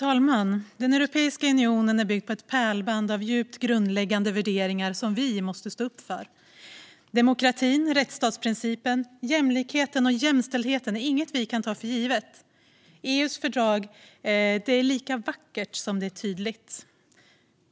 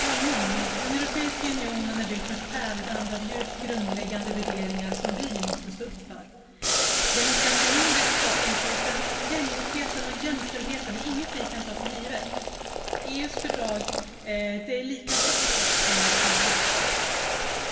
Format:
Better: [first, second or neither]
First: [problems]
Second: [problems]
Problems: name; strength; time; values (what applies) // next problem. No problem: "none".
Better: first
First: none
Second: background sound (Boiling); 5 dB above the speech // room echo; dies away in 2.5 s